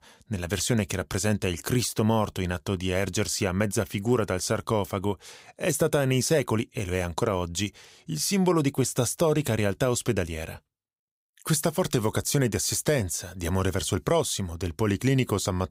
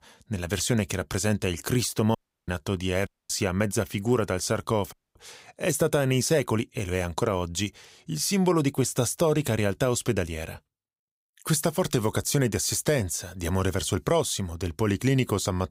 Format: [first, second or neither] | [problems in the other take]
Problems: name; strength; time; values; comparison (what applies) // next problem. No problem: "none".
first | audio cutting out; at 2 s, at 3 s and at 5 s